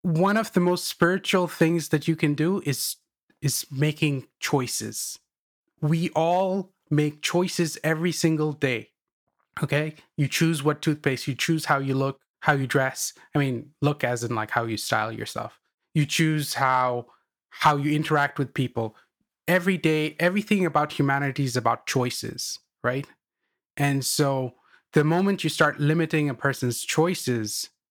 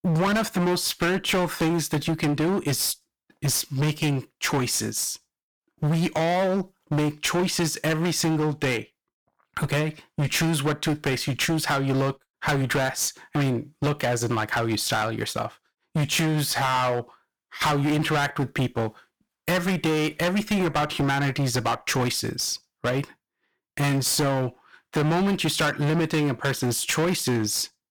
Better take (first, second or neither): first